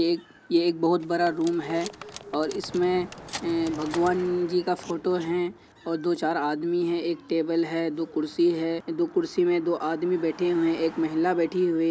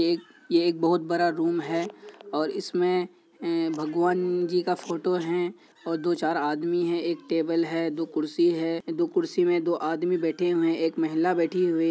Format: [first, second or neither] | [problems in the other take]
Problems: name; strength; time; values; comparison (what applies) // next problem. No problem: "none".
second | background sound (Car passing by + Cutlery, silverware); 19 dB below the speech